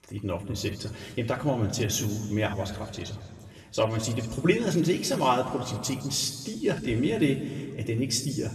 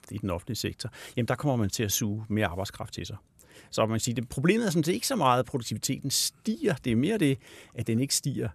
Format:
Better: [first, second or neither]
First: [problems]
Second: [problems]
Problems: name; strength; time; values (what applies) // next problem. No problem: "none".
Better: second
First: room echo; slight; dies away in 2 s // off-mic speech; somewhat distant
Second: none